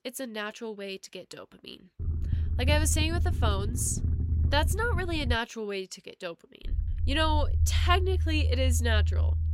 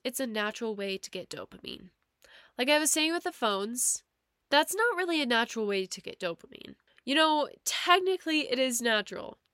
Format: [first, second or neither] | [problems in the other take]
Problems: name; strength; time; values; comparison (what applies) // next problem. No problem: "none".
second | low rumble; noticeable; from 2 to 5.5 s and from 6.5 s on; 15 dB below the speech